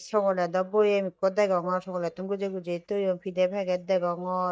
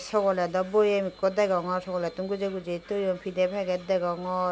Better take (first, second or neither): second